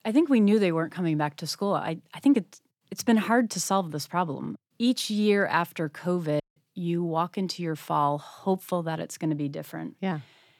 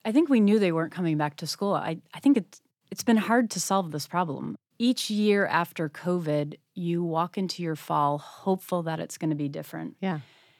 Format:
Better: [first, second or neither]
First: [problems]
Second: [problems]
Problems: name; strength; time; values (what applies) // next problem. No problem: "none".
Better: second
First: audio cutting out; at 6.5 s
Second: none